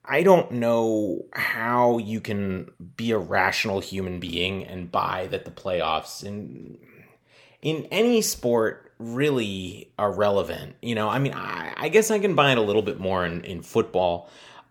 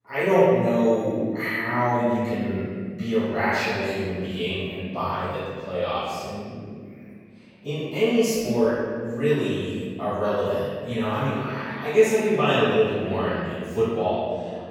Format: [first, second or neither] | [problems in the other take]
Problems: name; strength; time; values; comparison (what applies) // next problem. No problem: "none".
first | off-mic speech; far // room echo; strong; dies away in 2 s